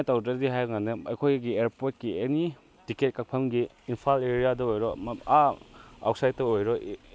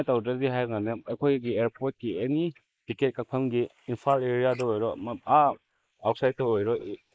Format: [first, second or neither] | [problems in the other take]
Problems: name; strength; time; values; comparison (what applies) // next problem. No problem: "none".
first | noise reduction (neural mask model Resemble Enhance denoiser)